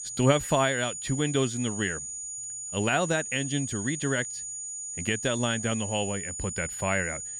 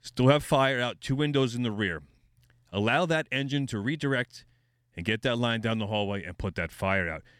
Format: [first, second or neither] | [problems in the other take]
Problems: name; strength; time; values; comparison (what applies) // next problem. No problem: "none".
second | high-pitched whine; loud; throughout; 7 kHz, 5 dB below the speech